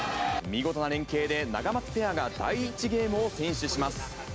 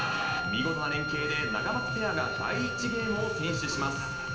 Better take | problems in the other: first | background sound (Wind instrument, woodwind instrument); 2 dB below the speech // room echo; dies away in 0.8 s

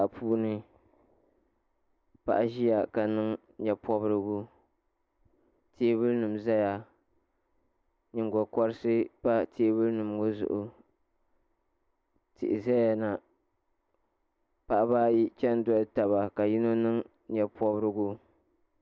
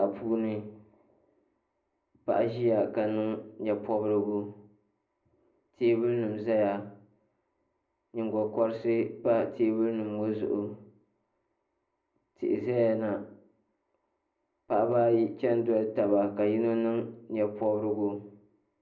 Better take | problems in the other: first | room echo; dies away in 0.5 s

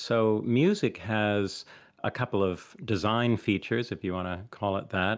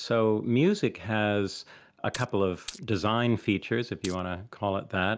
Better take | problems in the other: first | background sound (Glass); 17 dB below the speech

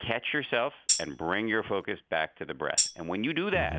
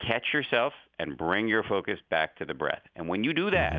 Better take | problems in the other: second | background sound (Tambourine); 1 dB below the speech

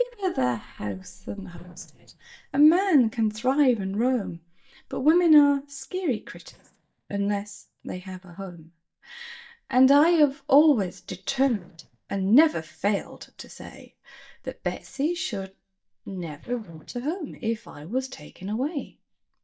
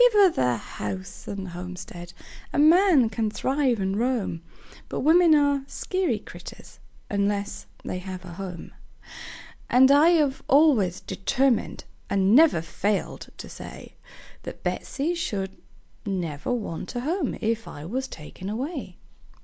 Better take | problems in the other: second | noise reduction (neural mask model DeepFilterNet 3)

